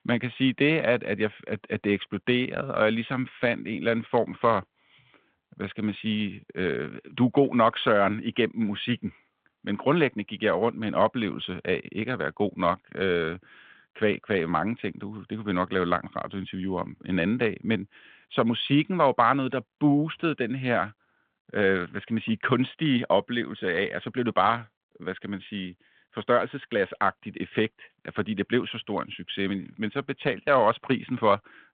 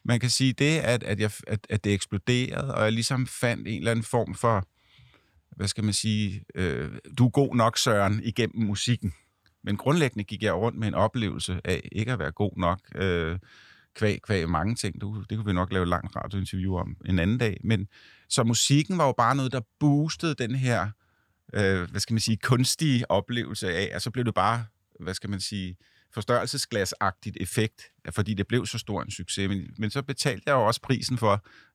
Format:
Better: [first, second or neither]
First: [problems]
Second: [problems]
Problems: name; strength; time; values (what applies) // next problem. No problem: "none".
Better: second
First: phone-call audio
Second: none